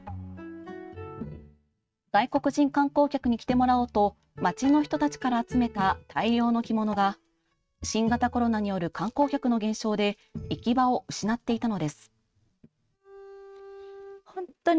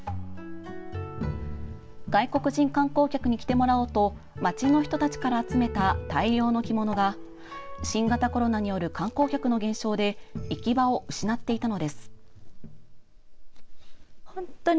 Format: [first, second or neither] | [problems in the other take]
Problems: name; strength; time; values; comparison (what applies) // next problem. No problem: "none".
second | noise reduction (neural mask model RNNoise)